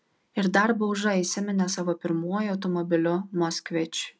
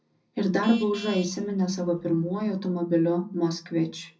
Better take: first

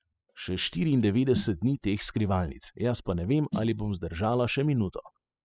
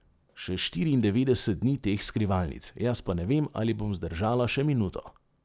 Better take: second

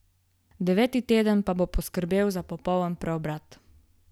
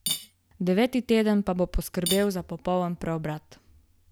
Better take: first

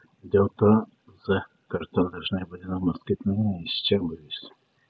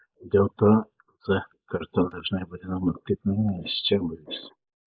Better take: first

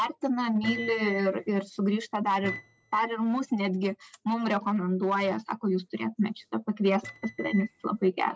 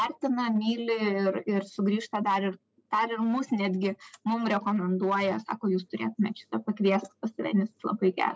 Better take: second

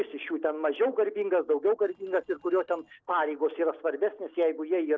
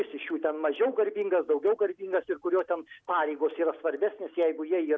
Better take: second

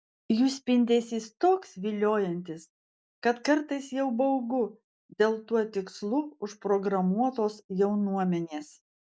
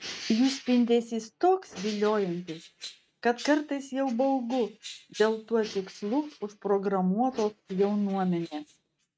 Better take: first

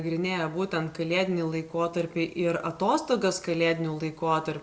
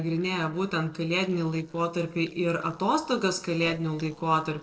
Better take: first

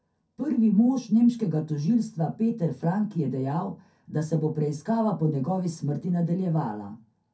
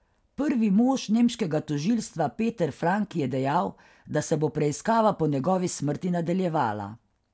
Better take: second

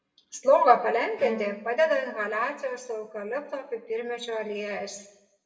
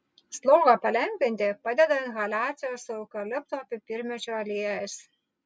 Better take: second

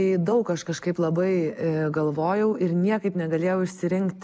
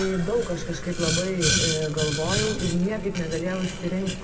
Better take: first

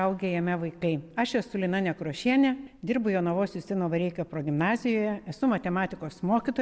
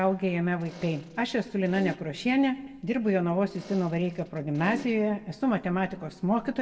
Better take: first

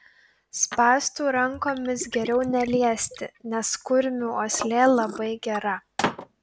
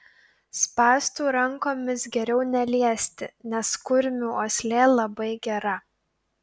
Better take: second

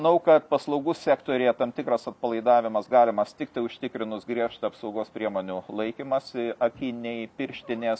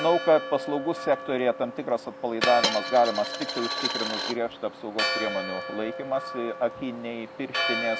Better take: first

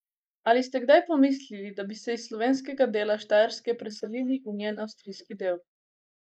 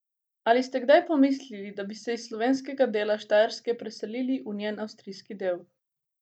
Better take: second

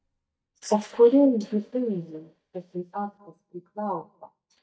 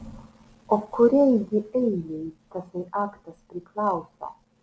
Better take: second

